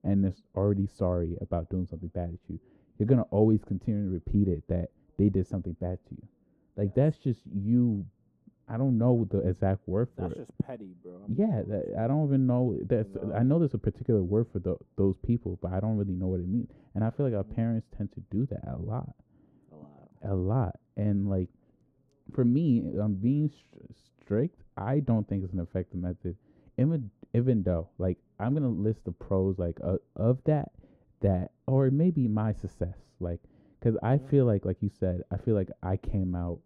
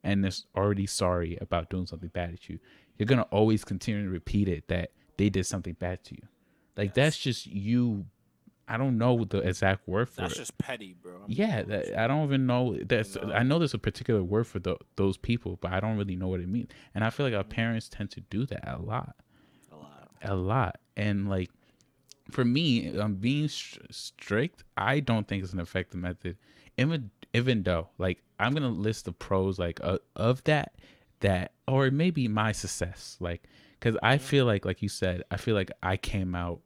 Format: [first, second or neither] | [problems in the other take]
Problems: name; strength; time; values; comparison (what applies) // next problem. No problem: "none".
second | muffled; very; fading above 1.5 kHz